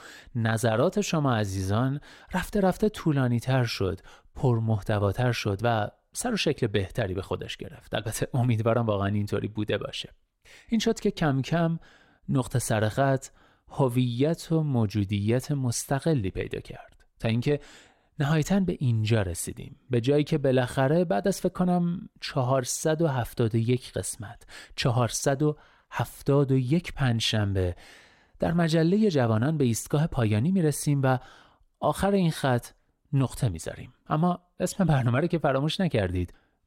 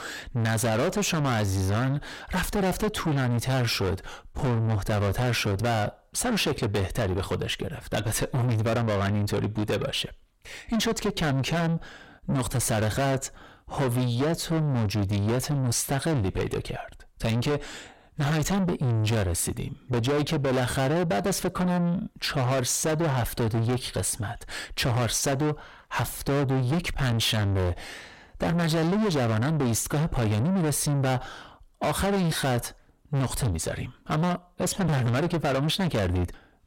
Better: first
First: none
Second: distortion; heavy; 6 dB below the speech

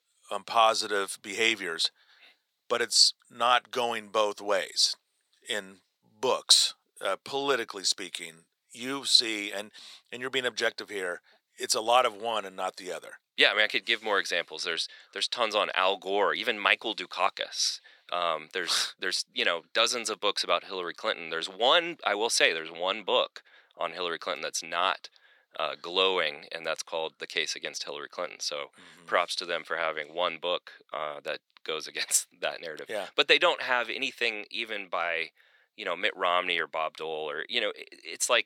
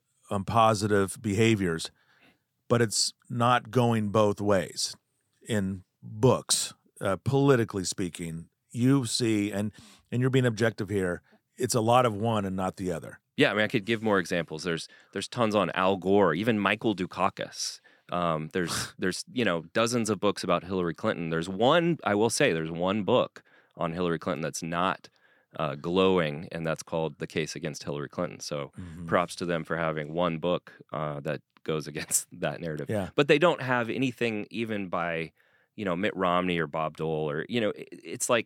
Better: second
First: thin; very; fading below 600 Hz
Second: none

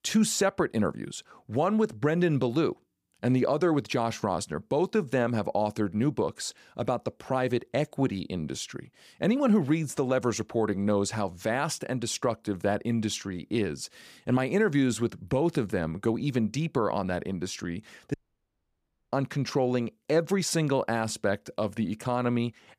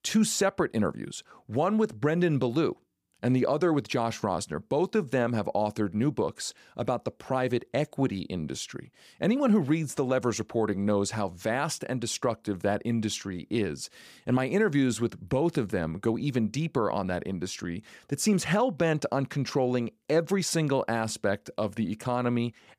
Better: second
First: audio cutting out; at 18 s for 1 s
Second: none

